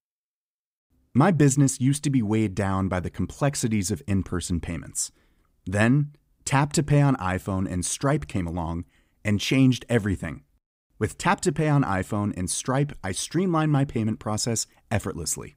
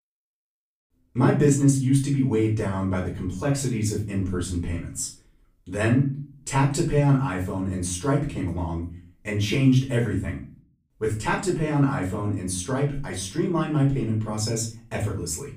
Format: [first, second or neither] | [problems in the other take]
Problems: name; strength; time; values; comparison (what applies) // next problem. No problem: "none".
first | room echo; slight; dies away in 0.4 s // off-mic speech; far